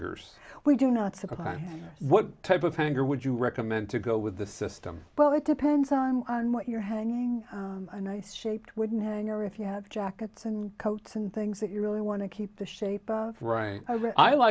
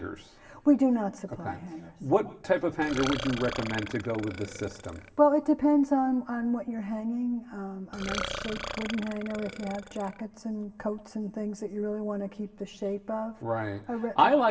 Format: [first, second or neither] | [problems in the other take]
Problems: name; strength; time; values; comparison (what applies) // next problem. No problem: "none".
first | background sound (Burping, eructation); 10 dB below the speech // room echo; dies away in 2.7 s